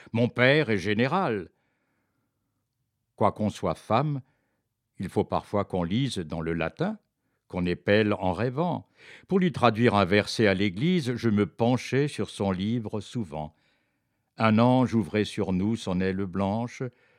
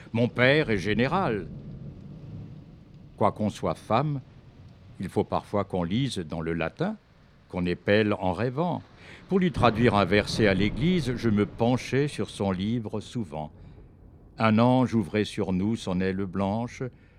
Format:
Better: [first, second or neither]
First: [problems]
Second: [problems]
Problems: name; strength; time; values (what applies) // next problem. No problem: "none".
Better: first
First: none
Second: rain or running water; noticeable; throughout; 15 dB below the speech